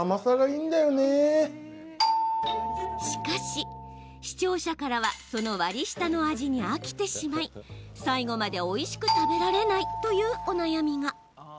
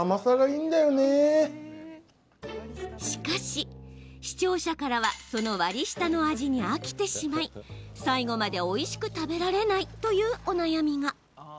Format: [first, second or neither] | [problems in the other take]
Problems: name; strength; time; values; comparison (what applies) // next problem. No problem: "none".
second | background sound (Doorbell); 2 dB below the speech